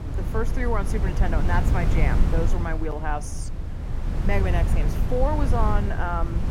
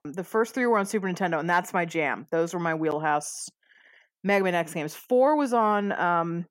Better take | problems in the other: second | wind noise on the microphone; heavy; 7 dB below the speech

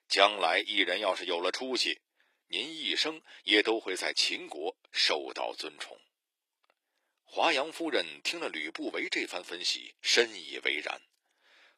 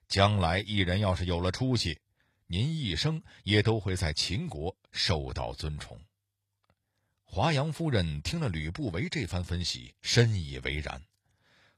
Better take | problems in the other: second | thin; very; fading below 300 Hz

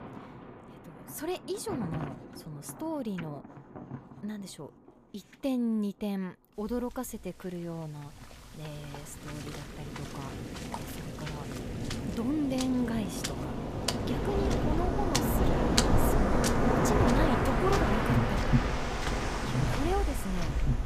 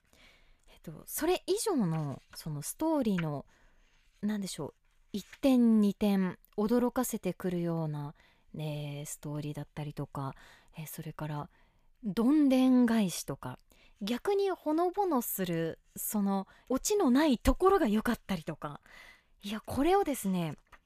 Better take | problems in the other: second | rain or running water; very loud; throughout; 5 dB above the speech

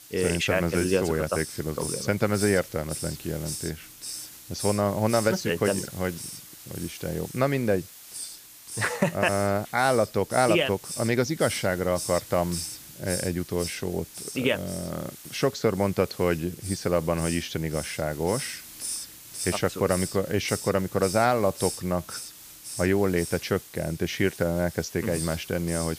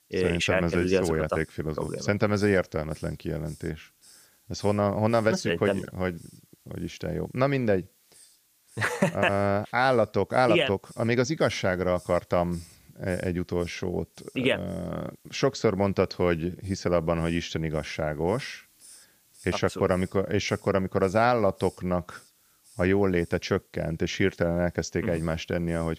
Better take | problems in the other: second | hiss; loud; throughout; 10 dB below the speech; faint in the second

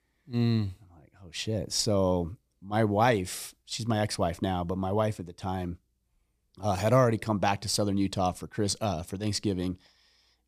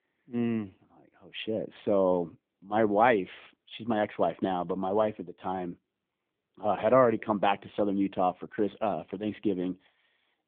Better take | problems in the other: first | phone-call audio; nothing above 3.5 kHz

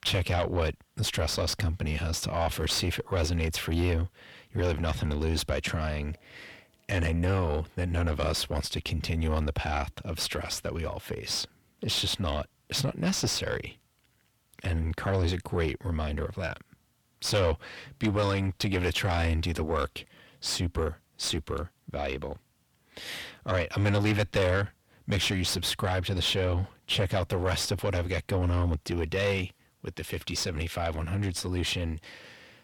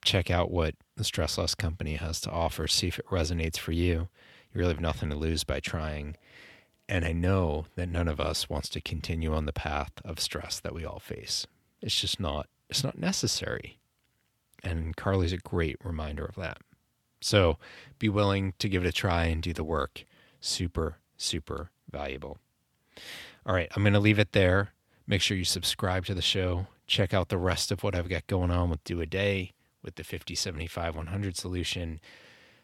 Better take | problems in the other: second | distortion; heavy; 6 dB below the speech

